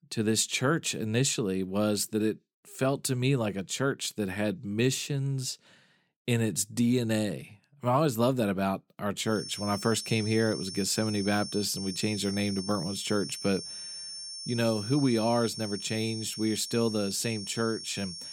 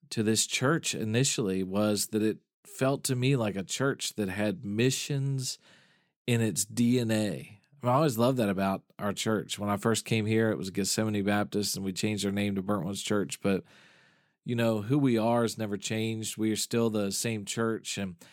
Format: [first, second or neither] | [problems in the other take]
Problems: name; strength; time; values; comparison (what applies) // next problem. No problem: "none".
second | high-pitched whine; loud; from 9.5 s on; 5.5 kHz, 8 dB below the speech